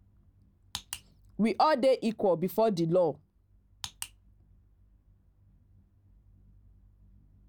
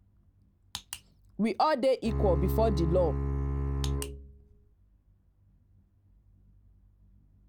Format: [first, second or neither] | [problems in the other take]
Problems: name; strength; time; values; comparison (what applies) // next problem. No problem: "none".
first | background sound (Bowed string instrument); 3 dB above the speech